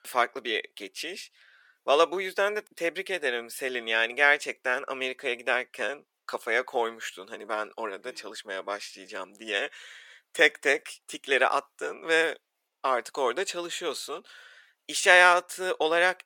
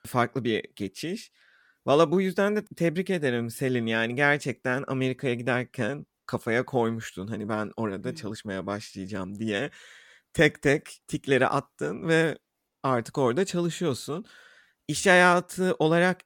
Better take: second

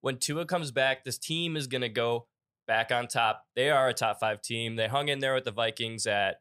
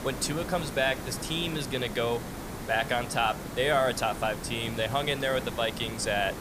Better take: first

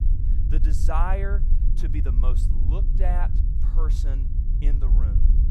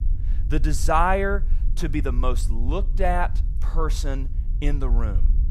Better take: second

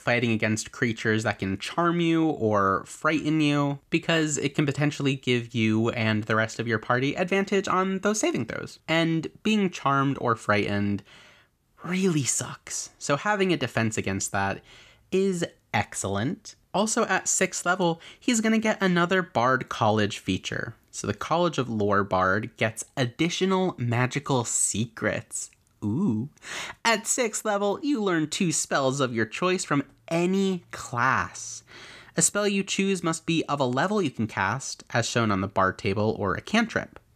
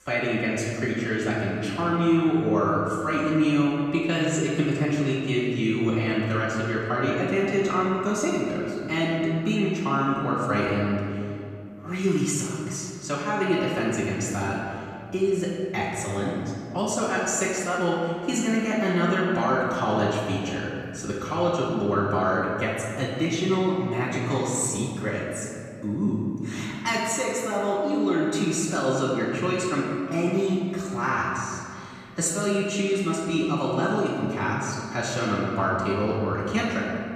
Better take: first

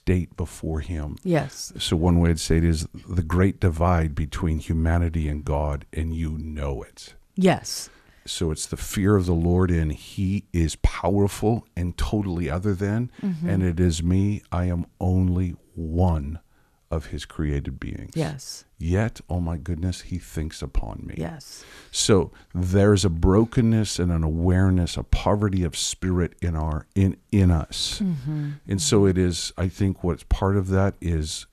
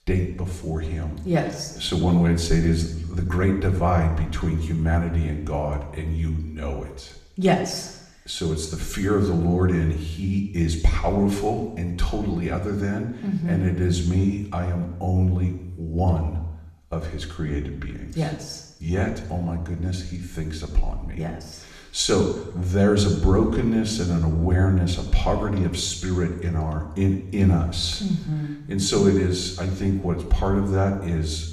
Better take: first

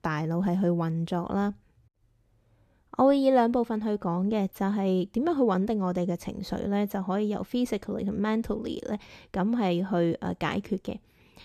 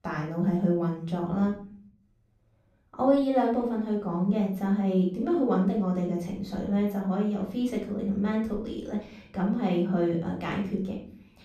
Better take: first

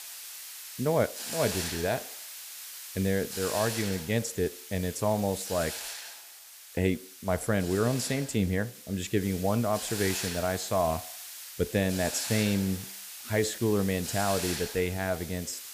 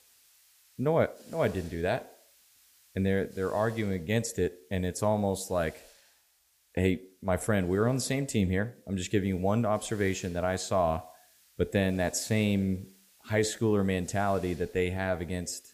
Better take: second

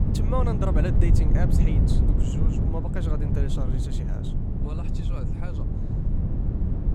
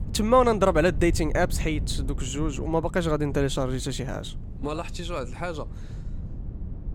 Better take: second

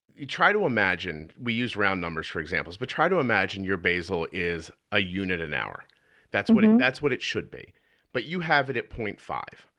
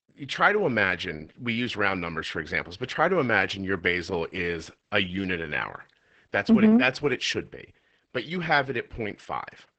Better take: first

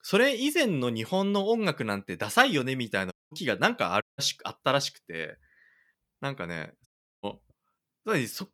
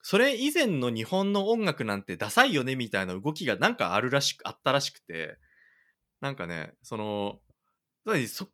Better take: second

